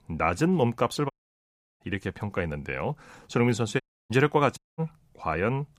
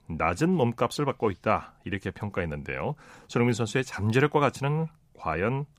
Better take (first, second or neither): second